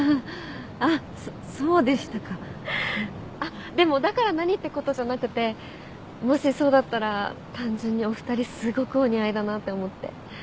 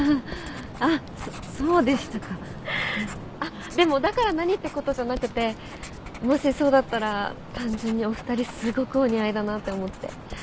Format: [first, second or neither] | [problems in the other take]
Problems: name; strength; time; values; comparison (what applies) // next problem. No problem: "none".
first | background sound (Writing); 16 dB below the speech